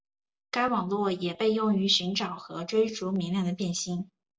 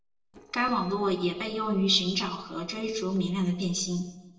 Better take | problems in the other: first | noise reduction (neural separator model SepFormer DNS4)

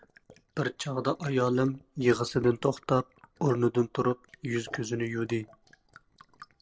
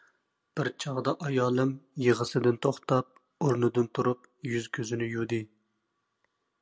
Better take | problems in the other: second | noise reduction (neural separator model SepFormer DNS4)

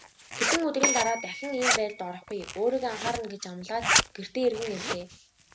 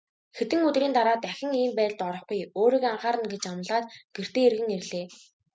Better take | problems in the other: second | background sound (Bell / Telephone + Zipper (clothing)); as loud as the speech

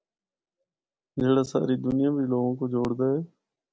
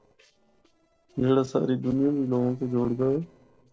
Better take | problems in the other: first | noise reduction (neural separator model SepFormer DNS4)

